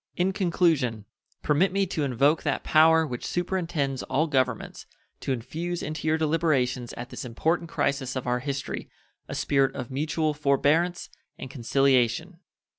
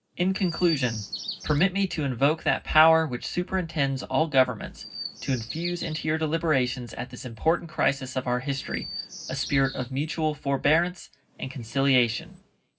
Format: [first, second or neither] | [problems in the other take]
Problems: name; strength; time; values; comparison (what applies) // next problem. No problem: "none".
first | background sound (Chirp, tweet); 16 dB below the speech // room echo; dies away in 0.4 s